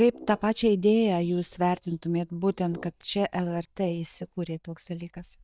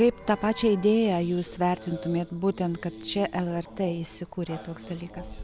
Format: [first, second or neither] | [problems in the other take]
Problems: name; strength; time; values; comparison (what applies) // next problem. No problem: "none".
second | noise reduction (neural mask model DeepFilterNet 3)